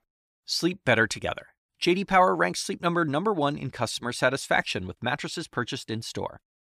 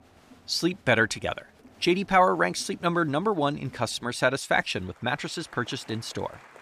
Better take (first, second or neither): first